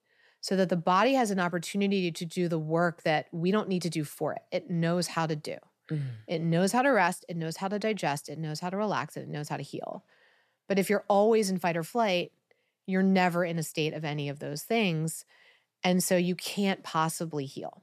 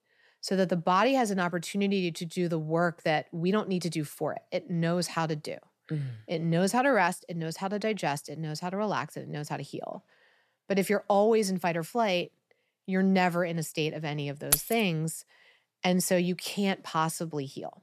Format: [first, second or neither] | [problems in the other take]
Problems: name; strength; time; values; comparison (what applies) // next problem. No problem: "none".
first | jangling keys; loud; at 15 s; peak 2 dB above the speech